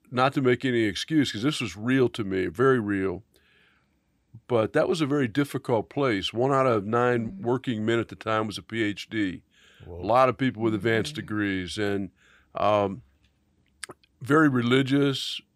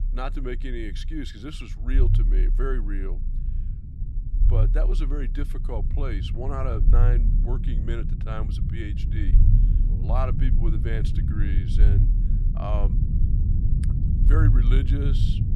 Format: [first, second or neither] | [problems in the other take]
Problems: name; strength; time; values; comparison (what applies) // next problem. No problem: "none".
first | low rumble; loud; throughout; 4 dB below the speech